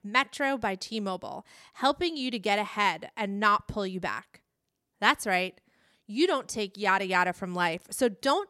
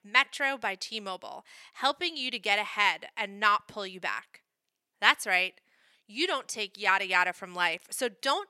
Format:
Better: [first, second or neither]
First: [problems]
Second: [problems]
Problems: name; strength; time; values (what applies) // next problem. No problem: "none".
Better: first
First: none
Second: thin; somewhat; fading below 800 Hz